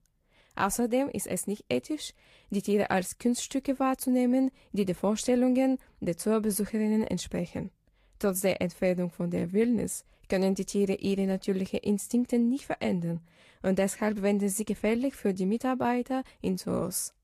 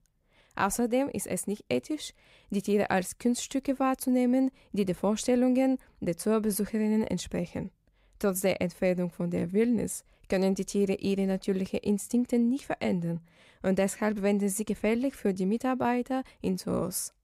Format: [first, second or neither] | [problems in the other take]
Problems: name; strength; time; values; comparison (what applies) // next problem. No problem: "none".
second | garbled, watery; slightly; nothing above 12.5 kHz